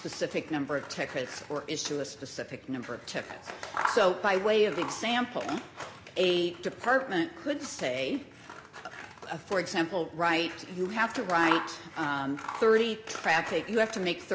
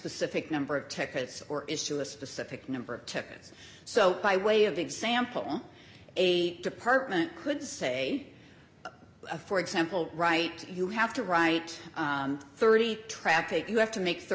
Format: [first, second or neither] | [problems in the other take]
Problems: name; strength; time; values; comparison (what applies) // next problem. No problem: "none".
second | background sound (Scissors); 11 dB below the speech